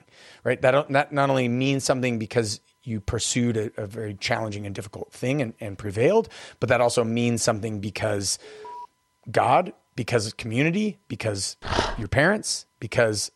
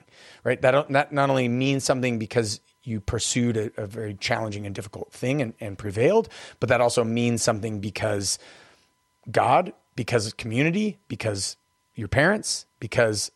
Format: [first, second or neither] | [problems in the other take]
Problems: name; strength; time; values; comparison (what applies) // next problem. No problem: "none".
second | alarm; faint; at 8.5 s; peak 15 dB below the speech // dog barking; noticeable; at 12 s; peak 1 dB below the speech